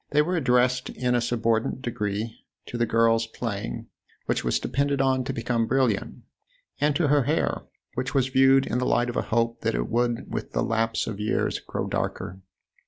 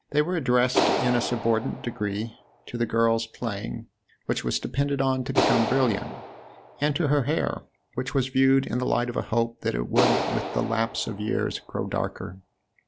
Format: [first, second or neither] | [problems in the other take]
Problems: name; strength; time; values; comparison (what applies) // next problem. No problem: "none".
first | background sound (Clapping); 6 dB below the speech